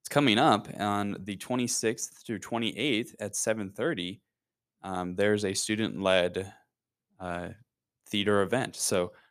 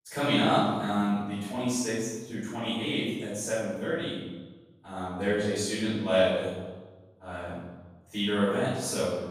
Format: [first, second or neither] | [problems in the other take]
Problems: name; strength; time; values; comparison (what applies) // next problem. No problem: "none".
first | off-mic speech; far // room echo; strong; dies away in 1.1 s